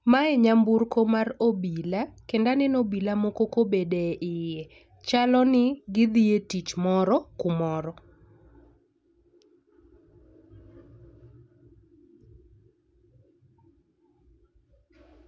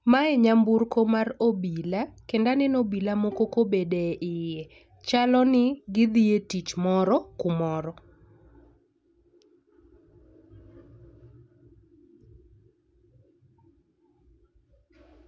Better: first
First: none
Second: background sound (Bowed string instrument); 19 dB below the speech

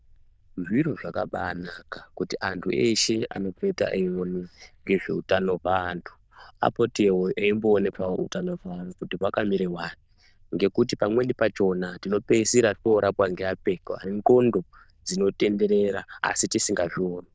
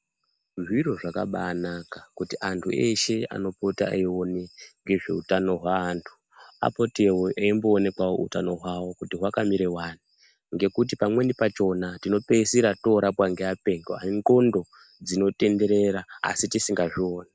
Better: second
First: noise reduction (neural diffusion model UNIVERSE++)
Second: none

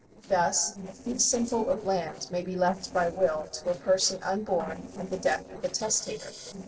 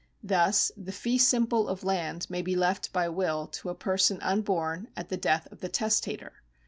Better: second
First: noise reduction (neural separator model SepFormer DNS4)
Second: none

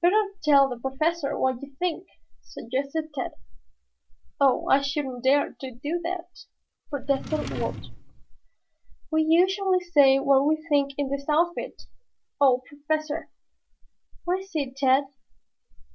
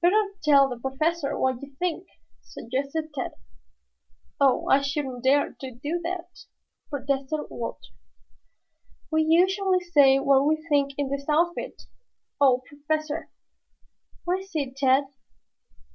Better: second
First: background sound (Drawer open or close); 10 dB below the speech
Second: none

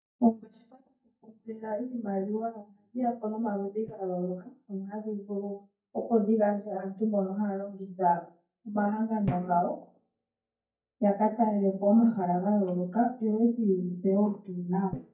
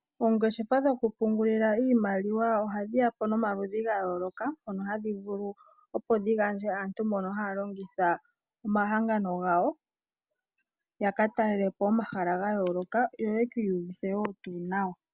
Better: second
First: noise reduction (neural mask model DeepFilterNet 3)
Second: none

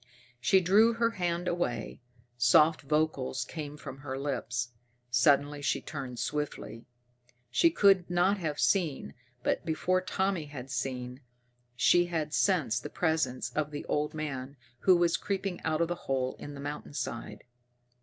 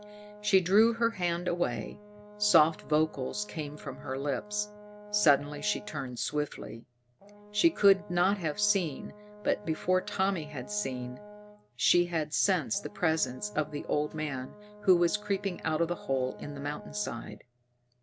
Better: first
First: none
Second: background sound (Brass instrument); 19 dB below the speech

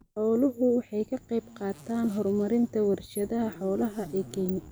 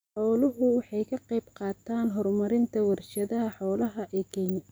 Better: second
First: background sound (Zipper (clothing)); 20 dB below the speech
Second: none

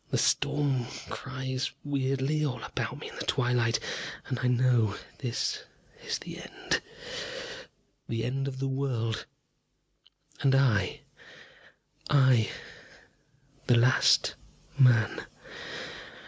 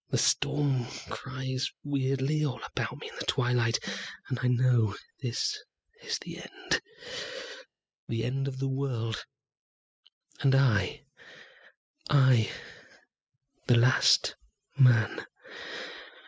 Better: first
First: none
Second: noise reduction (classical method spectral subtraction)

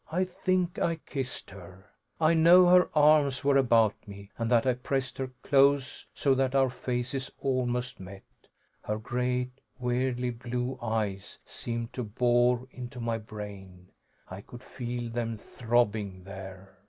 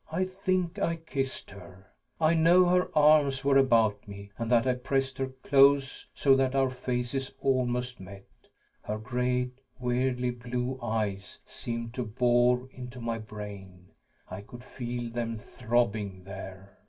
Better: first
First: none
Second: room echo; dies away in 0.1 s

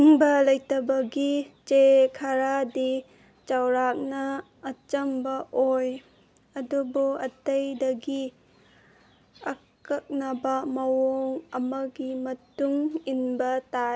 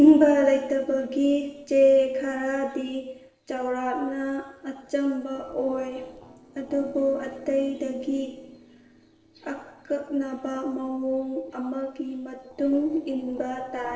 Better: first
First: none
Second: noise reduction (neural separator model SepFormer DNS4)

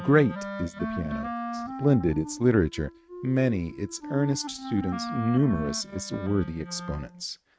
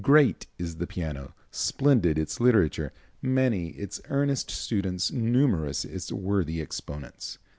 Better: second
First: noise reduction (neural mask model RNNoise)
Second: none

